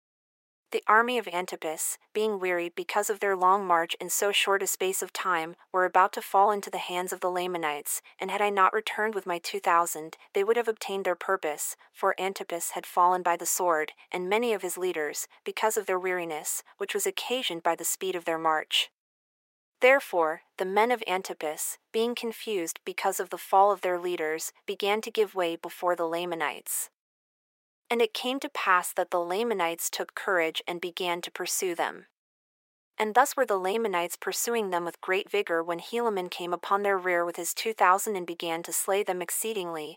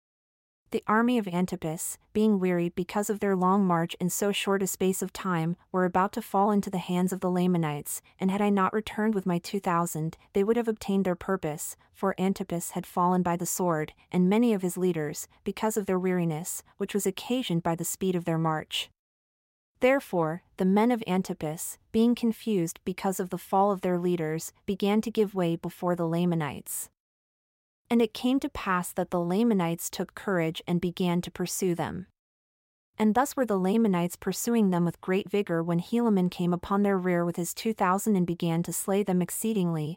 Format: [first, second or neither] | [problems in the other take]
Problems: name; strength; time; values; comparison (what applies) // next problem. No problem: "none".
second | thin; very; fading below 400 Hz